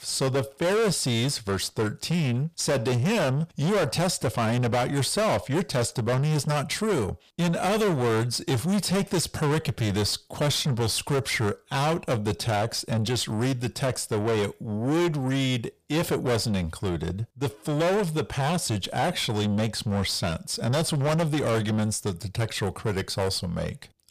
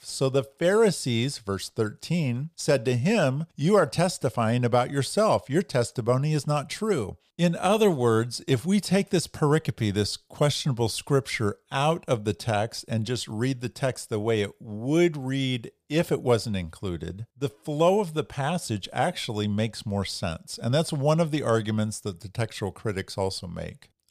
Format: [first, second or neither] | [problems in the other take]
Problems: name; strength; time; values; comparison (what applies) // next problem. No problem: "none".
second | distortion; heavy; 6 dB below the speech